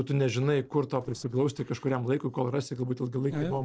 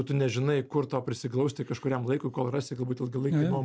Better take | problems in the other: second | noise reduction (neural separator model SepFormer DNS4)

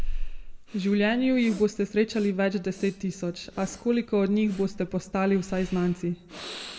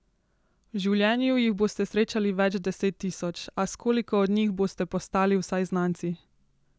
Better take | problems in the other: second | background sound (Breathing); 9 dB below the speech // room echo; dies away in 1.1 s

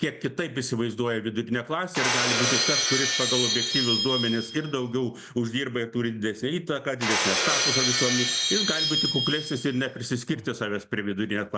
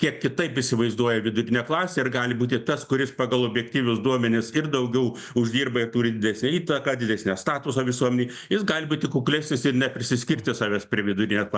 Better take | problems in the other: second | background sound (Shatter); 1 dB below the speech

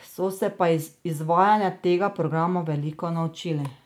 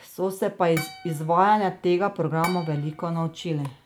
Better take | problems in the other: first | background sound (Harp); 16 dB below the speech

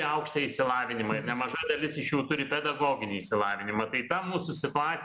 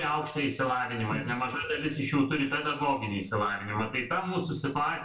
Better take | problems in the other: first | room echo; dies away in 0.2 s

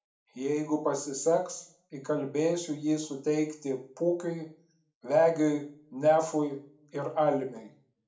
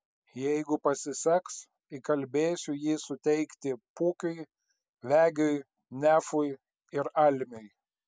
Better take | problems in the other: second | room echo; dies away in 0.4 s

